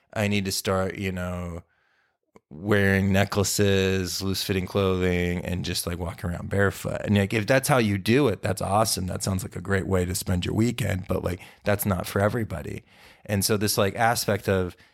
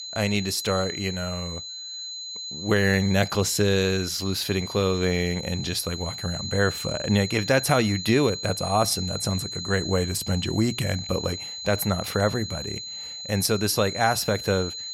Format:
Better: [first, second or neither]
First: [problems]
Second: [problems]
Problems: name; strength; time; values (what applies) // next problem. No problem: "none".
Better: first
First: none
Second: high-pitched whine; loud; throughout; 4 kHz, 8 dB below the speech